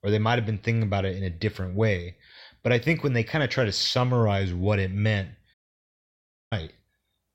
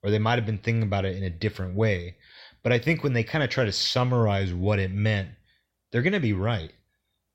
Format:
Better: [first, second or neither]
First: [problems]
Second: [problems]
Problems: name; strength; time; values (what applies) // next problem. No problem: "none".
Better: second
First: audio cutting out; at 5.5 s for 1 s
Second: none